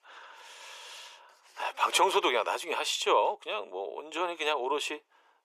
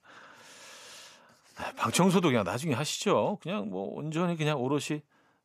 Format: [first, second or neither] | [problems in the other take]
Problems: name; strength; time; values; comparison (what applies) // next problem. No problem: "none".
second | thin; very; fading below 350 Hz